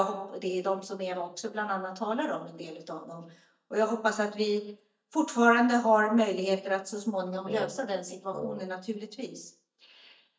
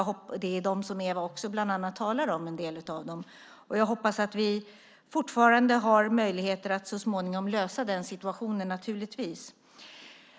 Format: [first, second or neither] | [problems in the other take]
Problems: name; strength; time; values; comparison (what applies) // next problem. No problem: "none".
second | noise reduction (neural mask model DeepFilterNet 3)